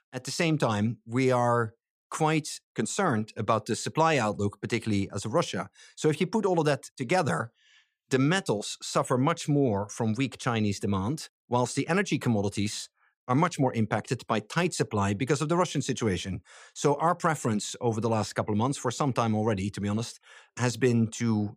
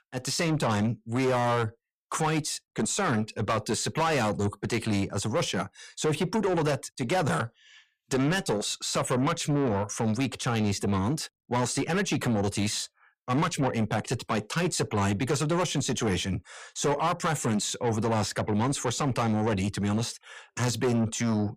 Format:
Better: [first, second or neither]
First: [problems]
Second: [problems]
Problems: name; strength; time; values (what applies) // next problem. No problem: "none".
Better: first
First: none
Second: distortion; heavy; 8 dB below the speech